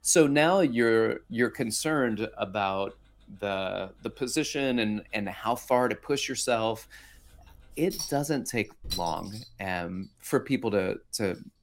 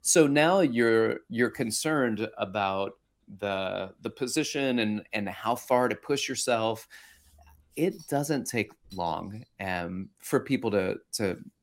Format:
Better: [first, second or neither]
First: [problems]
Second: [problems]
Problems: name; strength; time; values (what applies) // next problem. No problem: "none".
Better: second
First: household noises; loud; throughout; 10 dB below the speech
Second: household noises; faint; throughout; 30 dB below the speech